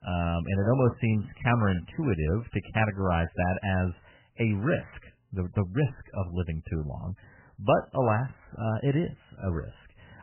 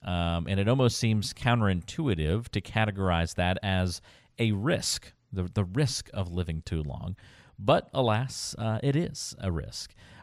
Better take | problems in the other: second | garbled, watery; badly; nothing above 3 kHz

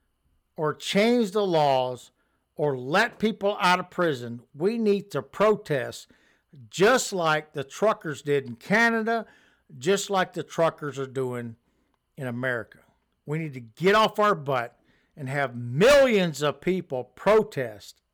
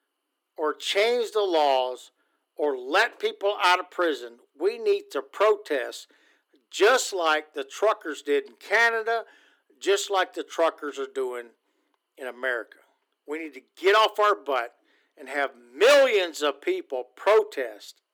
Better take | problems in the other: first | thin; very; fading below 300 Hz

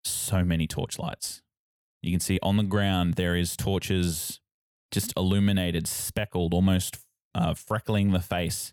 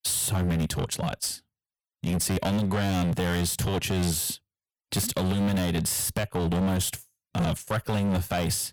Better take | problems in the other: first | distortion; heavy; 19% of the sound clipped

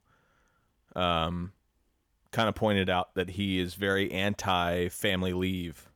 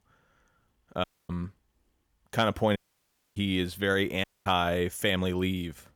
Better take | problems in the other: first | audio cutting out; at 1 s, at 3 s for 0.5 s and at 4 s

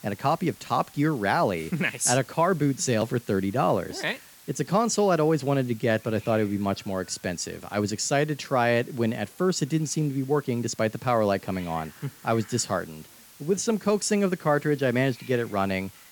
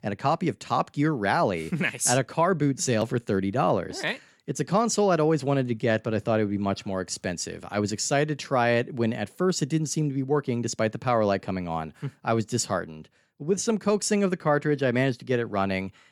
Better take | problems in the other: second | hiss; faint; throughout; 20 dB below the speech

